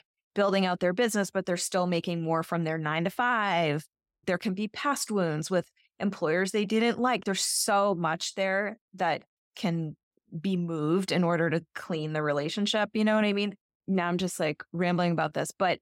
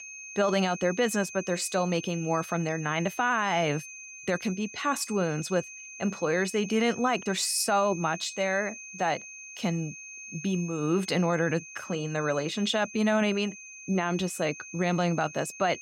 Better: first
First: none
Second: high-pitched whine; noticeable; throughout; 2.5 kHz, 15 dB below the speech

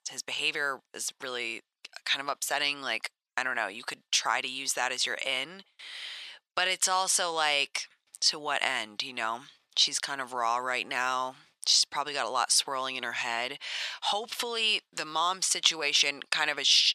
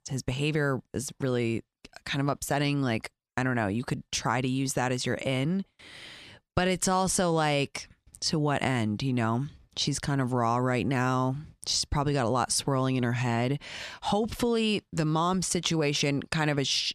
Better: second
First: thin; very; fading below 850 Hz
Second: none

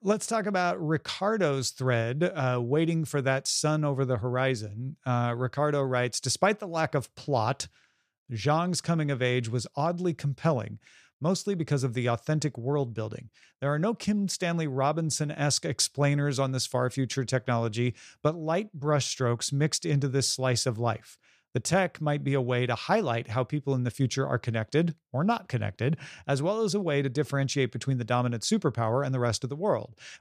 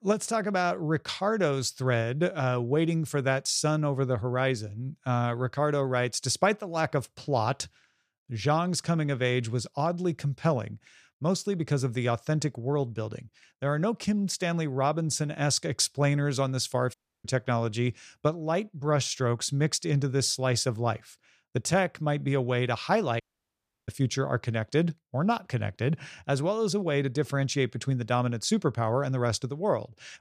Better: first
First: none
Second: audio cutting out; at 17 s and at 23 s for 0.5 s

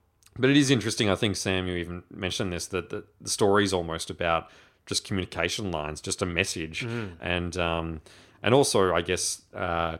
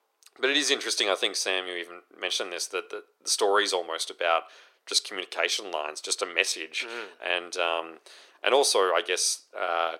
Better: first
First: none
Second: thin; very; fading below 450 Hz

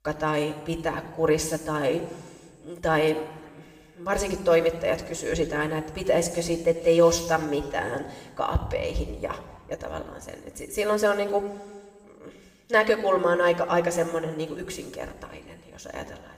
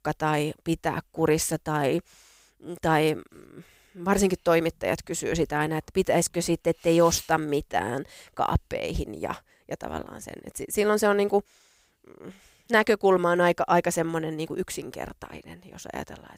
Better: second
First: room echo; slight; dies away in 1.7 s // off-mic speech; somewhat distant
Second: none

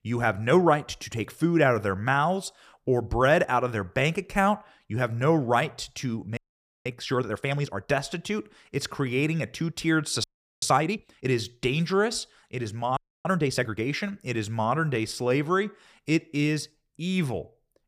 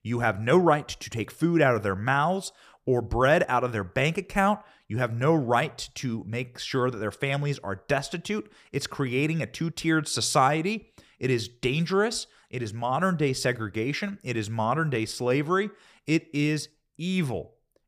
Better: second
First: audio freezing; at 6.5 s, at 10 s and at 13 s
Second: none

